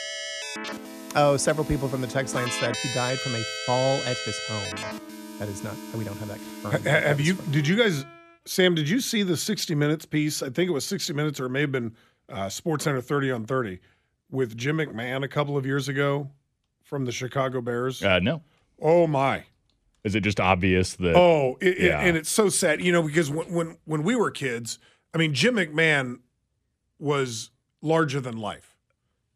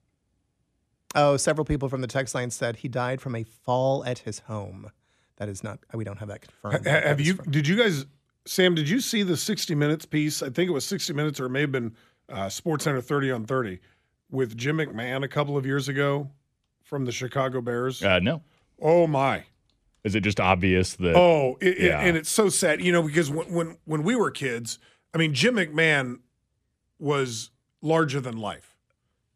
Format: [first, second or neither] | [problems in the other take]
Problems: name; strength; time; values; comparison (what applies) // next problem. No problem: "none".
second | background music; loud; until 8 s; 8 dB below the speech